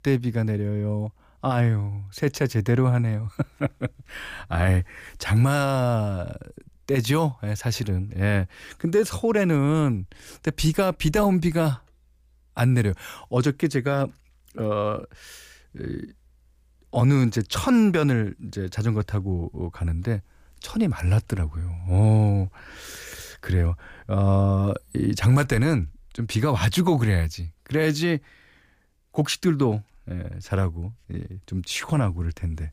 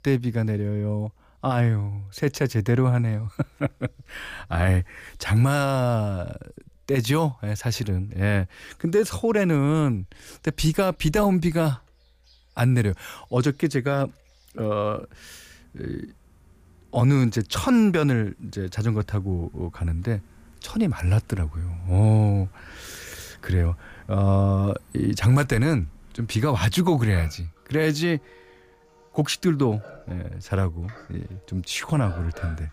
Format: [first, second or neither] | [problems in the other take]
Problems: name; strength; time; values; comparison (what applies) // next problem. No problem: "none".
first | animal sounds; faint; throughout; 25 dB below the speech